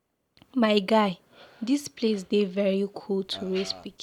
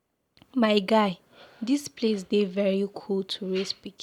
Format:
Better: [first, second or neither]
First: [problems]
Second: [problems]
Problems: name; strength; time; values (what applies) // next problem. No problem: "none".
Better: second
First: background sound (Burping, eructation); 18 dB below the speech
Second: none